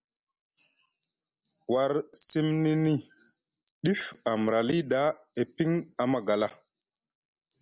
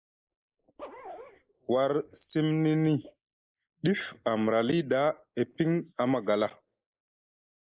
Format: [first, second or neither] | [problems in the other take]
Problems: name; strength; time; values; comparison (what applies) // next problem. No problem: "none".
first | noise reduction (neural mask model Resemble Enhance denoiser)